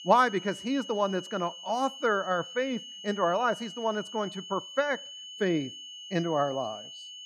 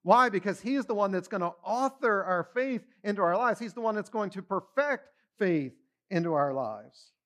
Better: second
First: high-pitched whine; noticeable; throughout; 3 kHz, 10 dB below the speech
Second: none

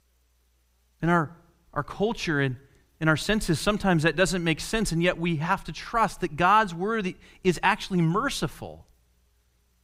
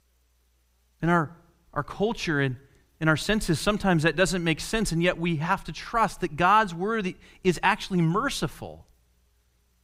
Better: neither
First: none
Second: none

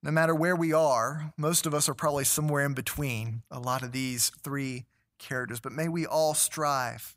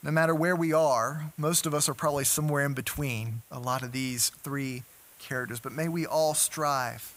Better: first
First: none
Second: hiss; faint; throughout; 25 dB below the speech

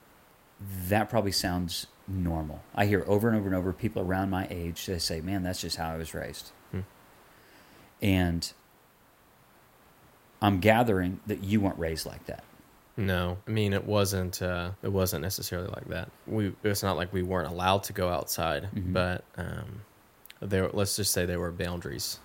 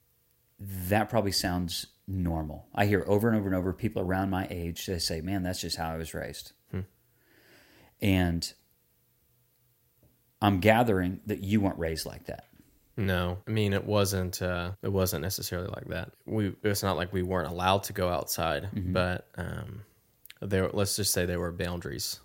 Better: second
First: hiss; faint; throughout; 30 dB below the speech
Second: none

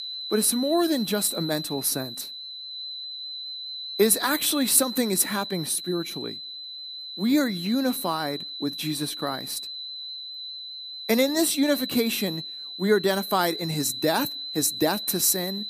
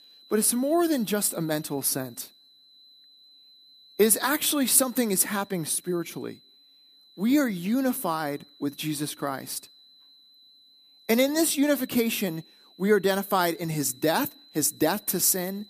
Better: second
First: high-pitched whine; loud; throughout; 4 kHz, 8 dB below the speech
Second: high-pitched whine; faint; throughout; 4 kHz, 25 dB below the speech

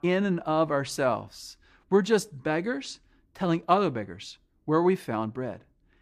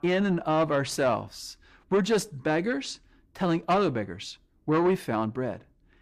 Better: first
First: none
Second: distortion; slight; 10 dB below the speech

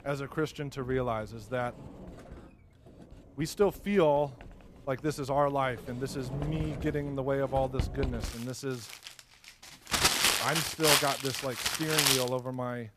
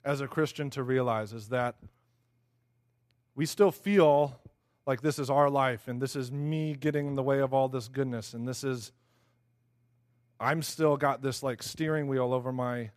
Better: second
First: household noises; very loud; throughout; 3 dB above the speech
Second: none

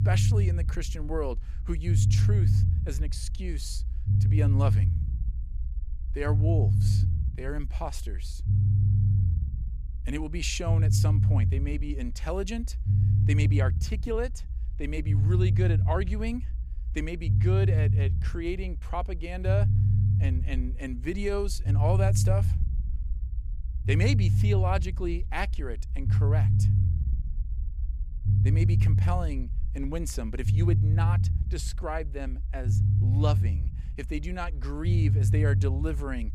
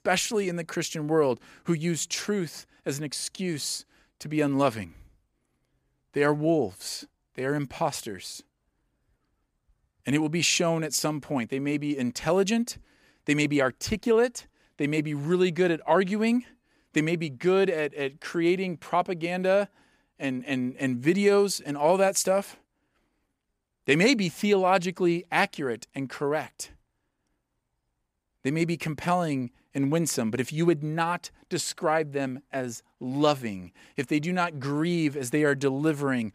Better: second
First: low rumble; loud; throughout; 4 dB below the speech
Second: none

